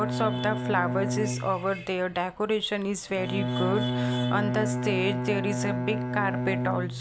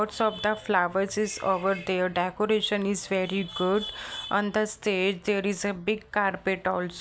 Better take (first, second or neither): second